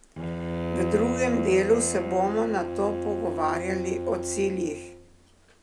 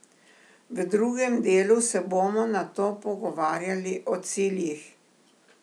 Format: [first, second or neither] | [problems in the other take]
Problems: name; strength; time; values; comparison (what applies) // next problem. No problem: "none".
second | background sound (Bowed string instrument); 4 dB below the speech